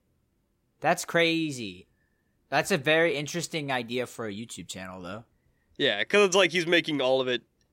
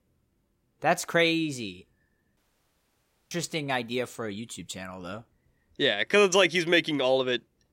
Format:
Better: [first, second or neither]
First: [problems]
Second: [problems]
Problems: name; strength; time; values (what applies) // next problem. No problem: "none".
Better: first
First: none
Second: audio cutting out; at 2.5 s for 1 s